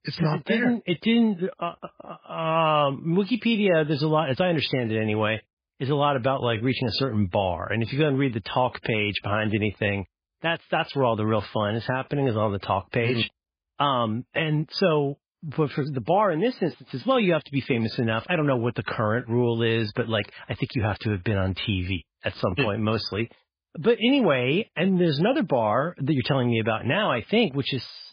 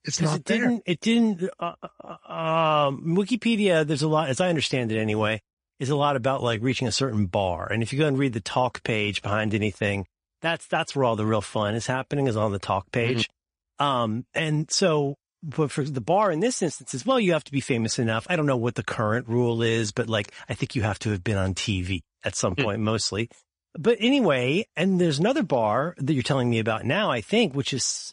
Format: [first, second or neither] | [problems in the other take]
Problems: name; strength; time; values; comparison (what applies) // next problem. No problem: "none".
second | garbled, watery; badly; nothing above 5 kHz; slightly in the second